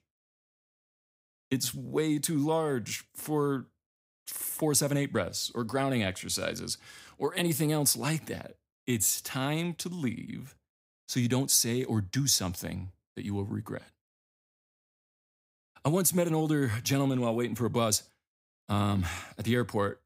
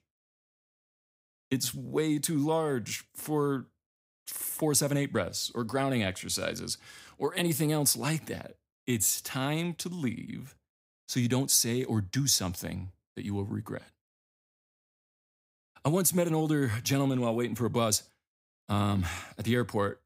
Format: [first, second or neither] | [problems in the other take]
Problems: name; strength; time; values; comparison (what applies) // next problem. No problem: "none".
neither | none